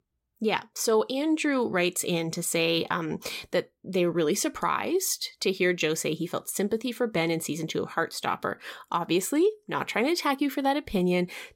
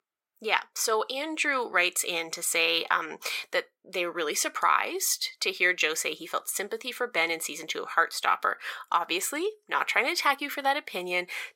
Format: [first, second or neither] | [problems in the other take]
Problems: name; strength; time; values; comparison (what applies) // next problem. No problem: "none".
first | thin; very; fading below 650 Hz